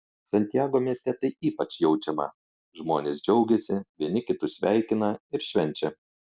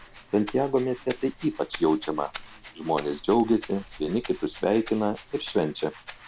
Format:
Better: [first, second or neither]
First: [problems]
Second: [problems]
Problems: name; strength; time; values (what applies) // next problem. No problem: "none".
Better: first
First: none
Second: background sound (Rattle (instrument)); 17 dB below the speech